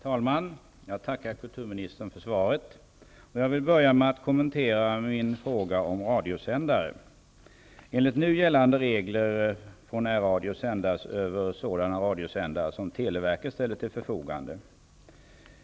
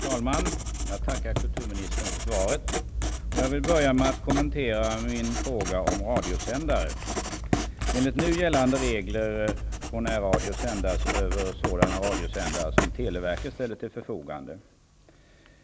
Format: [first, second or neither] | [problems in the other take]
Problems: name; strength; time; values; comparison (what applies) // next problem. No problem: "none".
first | background sound (Writing); as loud as the speech